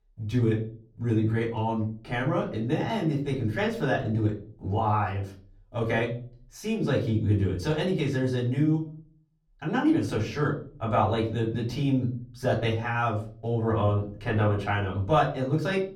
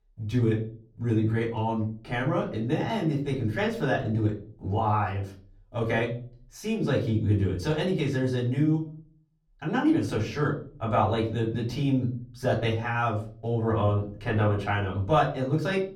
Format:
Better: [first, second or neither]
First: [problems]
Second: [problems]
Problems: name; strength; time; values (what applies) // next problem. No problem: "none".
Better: neither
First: off-mic speech; far // room echo; very slight; dies away in 0.5 s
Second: off-mic speech; far // room echo; very slight; dies away in 0.5 s